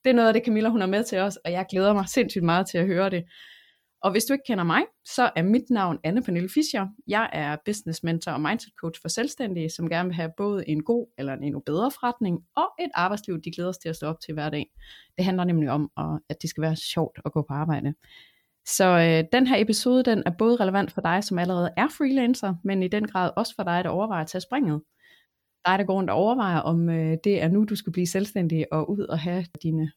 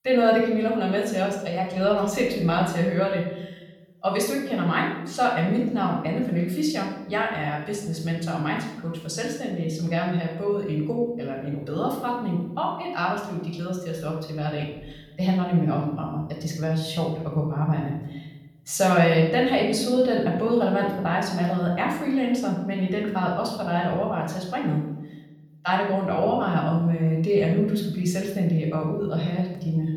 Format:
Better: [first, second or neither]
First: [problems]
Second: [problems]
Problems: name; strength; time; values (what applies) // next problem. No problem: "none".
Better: first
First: none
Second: off-mic speech; far // room echo; noticeable; dies away in 0.8 s